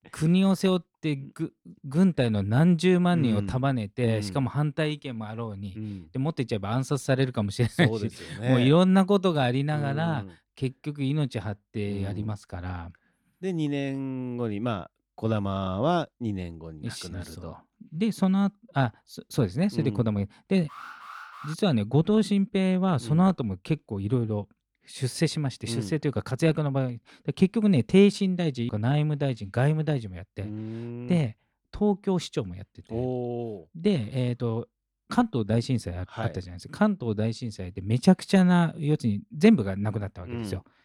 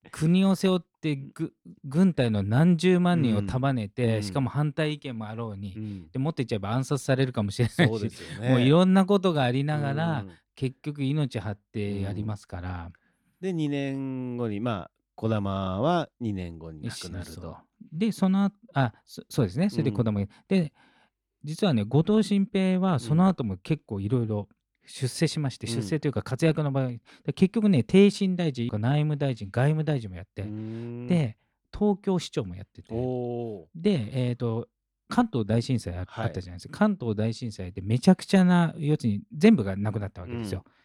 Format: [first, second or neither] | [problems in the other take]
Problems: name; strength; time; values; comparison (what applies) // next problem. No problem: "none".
second | alarm; faint; at 21 s; peak 15 dB below the speech